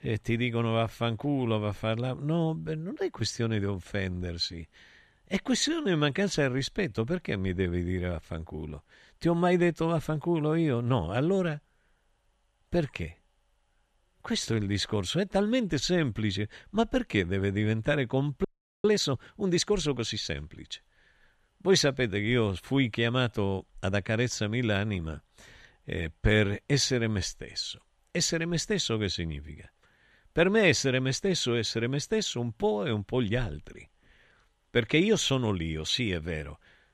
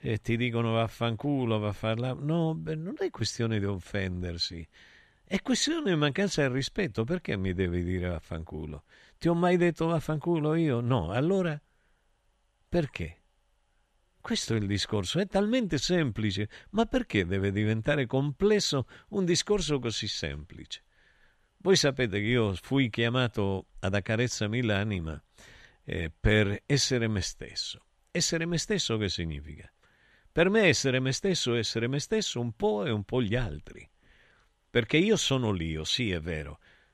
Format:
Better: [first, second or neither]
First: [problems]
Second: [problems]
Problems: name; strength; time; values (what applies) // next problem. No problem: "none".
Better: second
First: audio freezing; at 18 s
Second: none